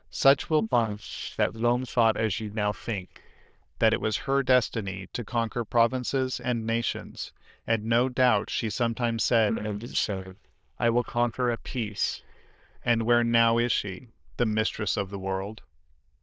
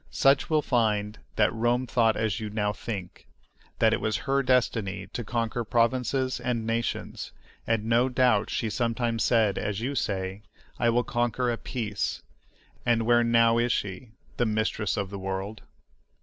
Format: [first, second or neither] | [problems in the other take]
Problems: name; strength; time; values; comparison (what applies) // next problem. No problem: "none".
second | noise reduction (neural diffusion model UNIVERSE++)